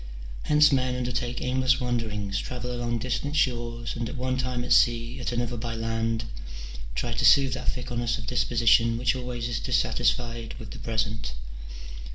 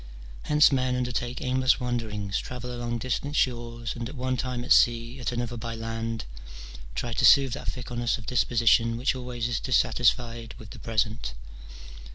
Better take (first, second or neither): second